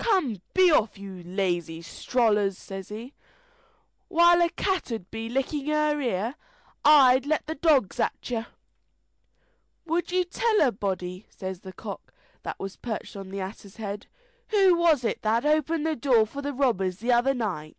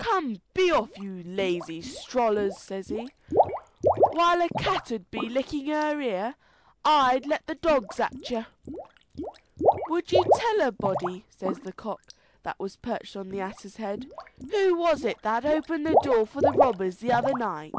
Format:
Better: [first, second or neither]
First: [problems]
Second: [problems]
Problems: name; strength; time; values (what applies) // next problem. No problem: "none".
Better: first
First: none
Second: background sound (Water / Liquid); 3 dB below the speech